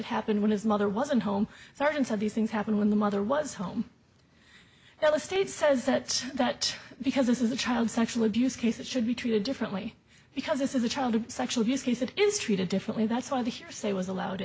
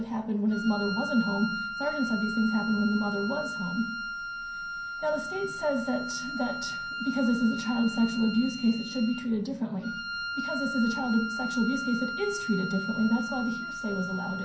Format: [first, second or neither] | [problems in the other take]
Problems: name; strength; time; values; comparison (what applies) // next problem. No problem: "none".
first | background sound (Wind instrument, woodwind instrument); 6 dB below the speech // room echo; dies away in 0.6 s